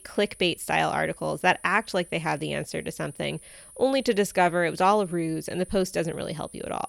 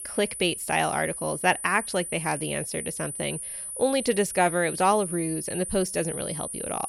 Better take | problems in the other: first | high-pitched whine; loud; throughout; 9.5 kHz, 6 dB below the speech; faint in the first

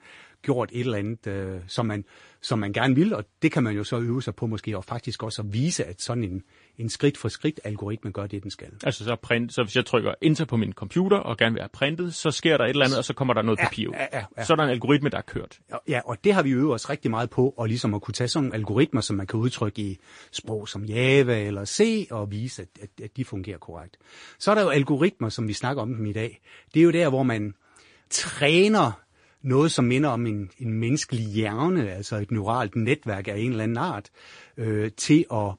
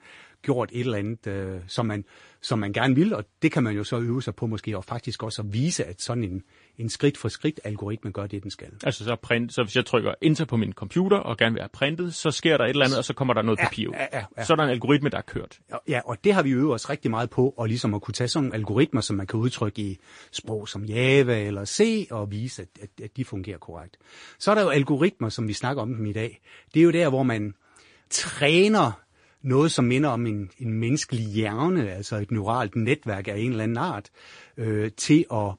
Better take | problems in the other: neither | garbled, watery; slightly; nothing above 10 kHz; the same in both

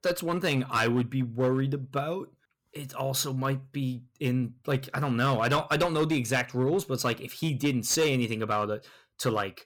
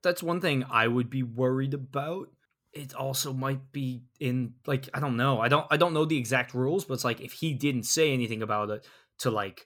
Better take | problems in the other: second | distortion; slight; 6% of the sound clipped

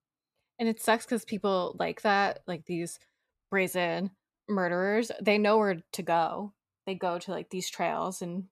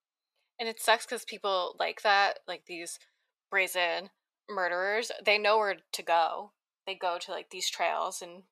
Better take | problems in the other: first | thin; very; fading below 650 Hz

